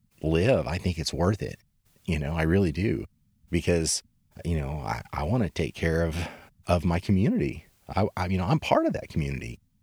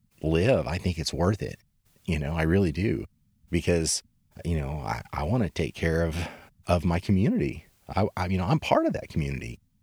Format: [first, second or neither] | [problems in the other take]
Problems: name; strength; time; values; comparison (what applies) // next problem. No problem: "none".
neither | none